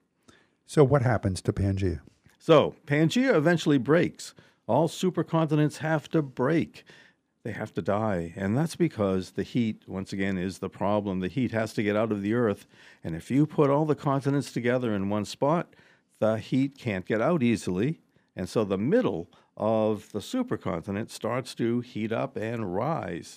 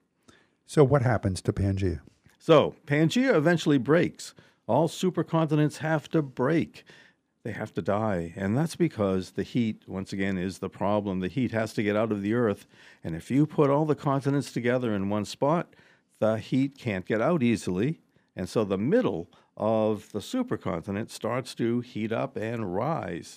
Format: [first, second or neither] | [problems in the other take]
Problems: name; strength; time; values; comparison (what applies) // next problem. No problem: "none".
neither | none